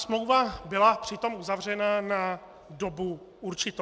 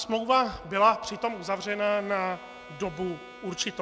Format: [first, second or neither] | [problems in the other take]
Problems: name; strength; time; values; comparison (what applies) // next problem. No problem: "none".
first | background sound (Brass instrument); 19 dB below the speech